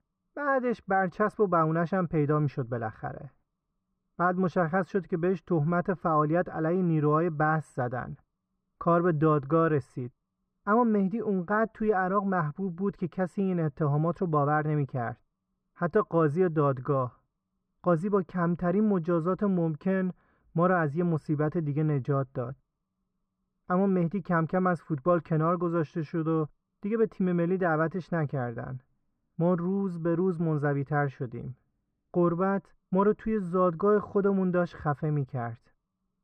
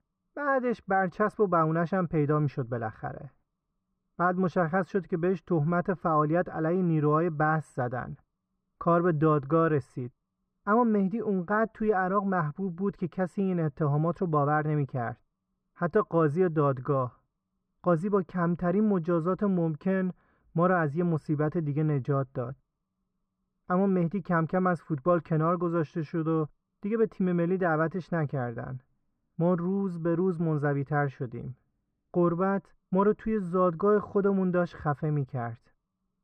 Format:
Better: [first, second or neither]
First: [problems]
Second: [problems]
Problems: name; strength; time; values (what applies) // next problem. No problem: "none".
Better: neither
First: muffled; very; fading above 3.5 kHz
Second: muffled; very; fading above 3.5 kHz